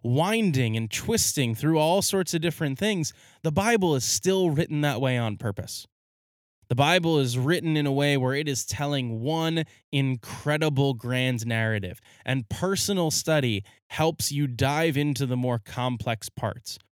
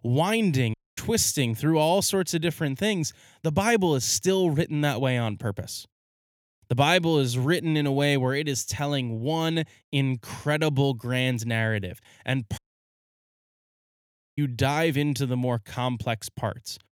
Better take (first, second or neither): first